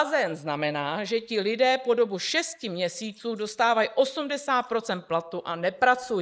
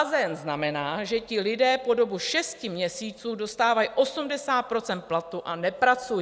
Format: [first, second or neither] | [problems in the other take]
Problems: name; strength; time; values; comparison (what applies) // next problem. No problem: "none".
second | noise reduction (neural mask model Resemble Enhance denoiser)